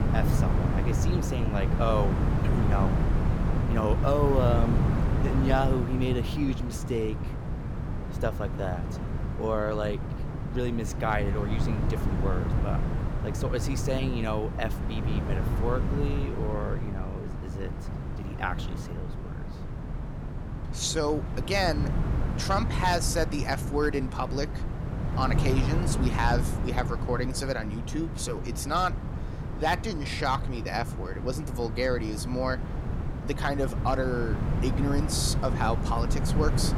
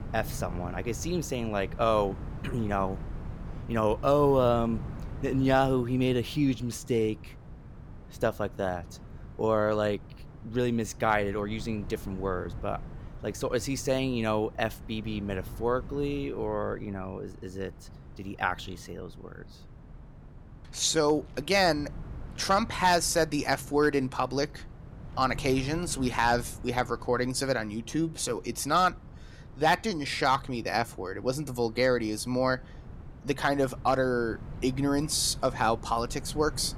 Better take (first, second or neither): second